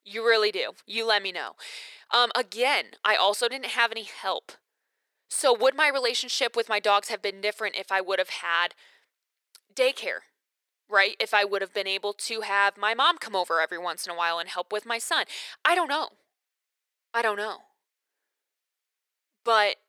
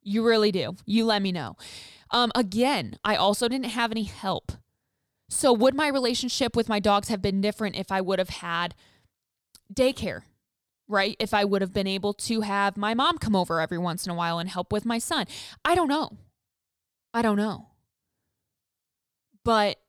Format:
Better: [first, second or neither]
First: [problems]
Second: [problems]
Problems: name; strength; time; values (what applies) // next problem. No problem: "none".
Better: second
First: thin; very; fading below 450 Hz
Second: none